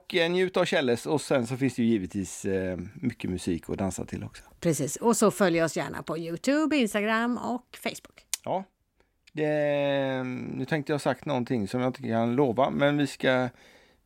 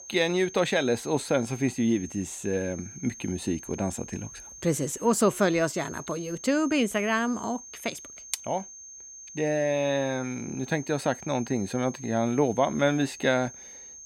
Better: first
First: none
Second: high-pitched whine; noticeable; throughout; 6.5 kHz, 15 dB below the speech

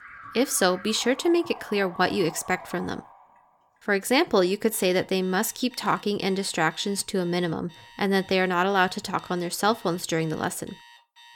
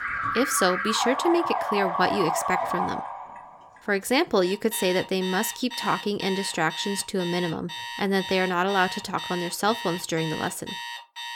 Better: first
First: alarms or sirens; faint; throughout; 20 dB below the speech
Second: alarms or sirens; loud; throughout; 5 dB below the speech

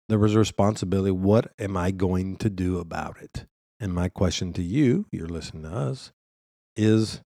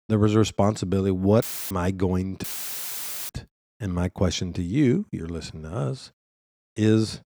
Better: first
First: none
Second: audio cutting out; filled with static; at 1.5 s and at 2.5 s for 1 s

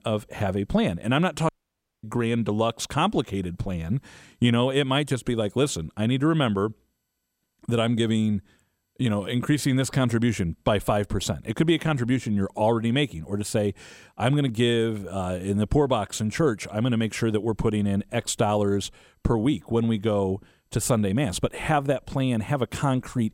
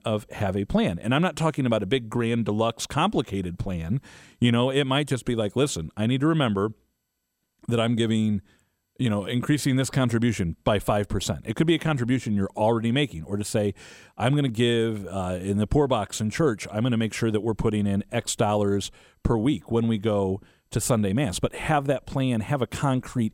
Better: second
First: audio cutting out; at 1.5 s for 0.5 s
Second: none

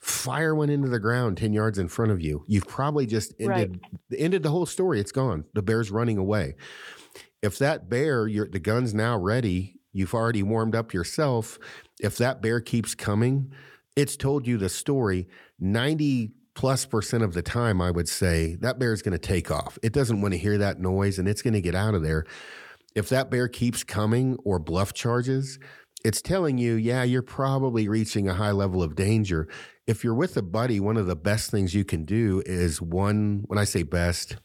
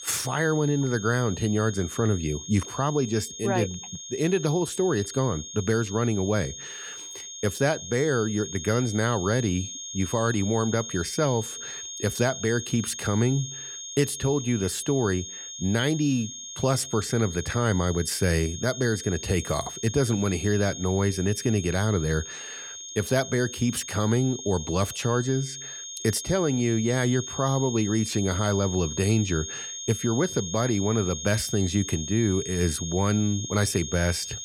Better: first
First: none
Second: high-pitched whine; loud; throughout; 6.5 kHz, 9 dB below the speech

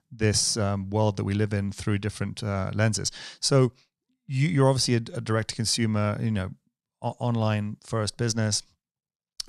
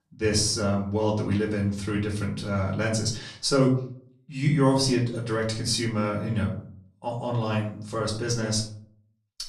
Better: first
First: none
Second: off-mic speech; far // room echo; slight; dies away in 0.4 s

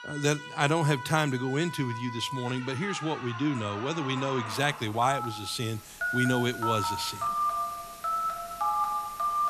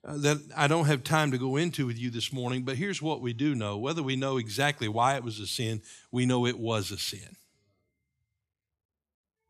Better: second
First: alarms or sirens; loud; throughout; 4 dB below the speech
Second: none

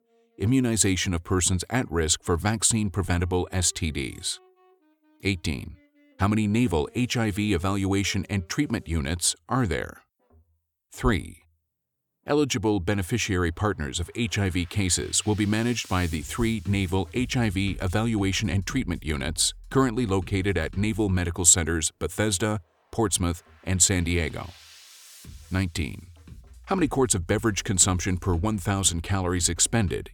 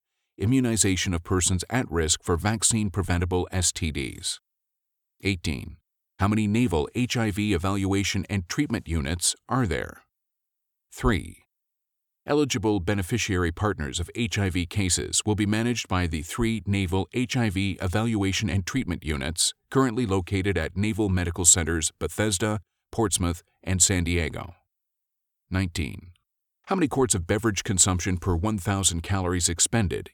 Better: second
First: background music; faint; throughout; 20 dB below the speech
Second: none

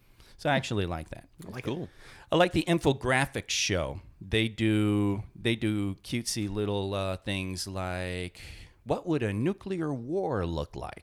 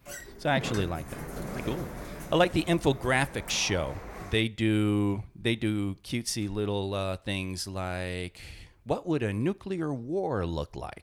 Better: first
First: none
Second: door banging; noticeable; until 4.5 s; peak 7 dB below the speech

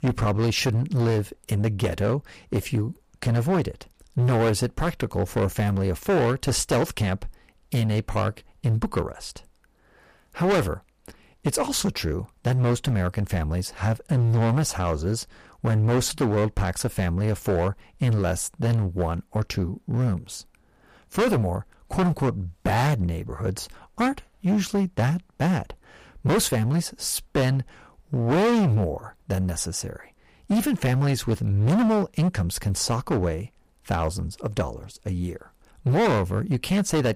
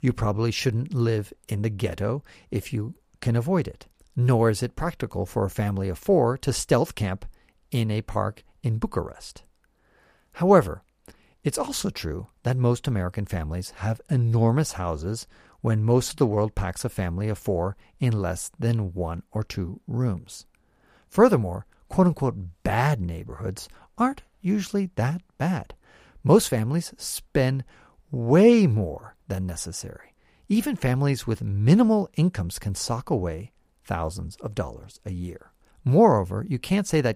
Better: second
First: distortion; heavy; 12% of the sound clipped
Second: none

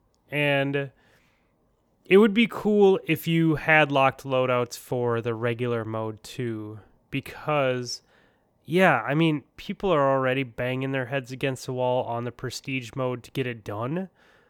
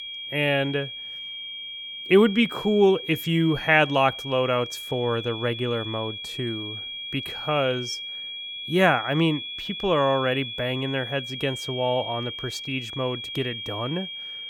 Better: first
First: none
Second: high-pitched whine; loud; throughout; 3 kHz, 8 dB below the speech

